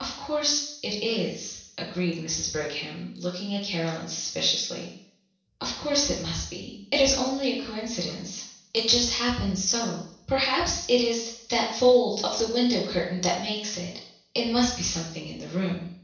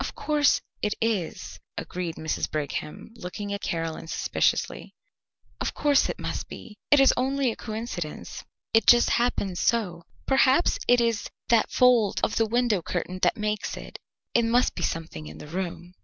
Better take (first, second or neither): second